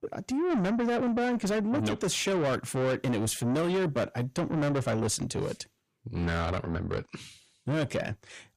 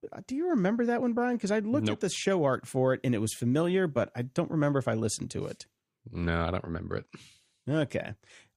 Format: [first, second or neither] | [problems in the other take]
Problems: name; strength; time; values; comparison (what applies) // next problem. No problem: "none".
second | distortion; heavy; 7 dB below the speech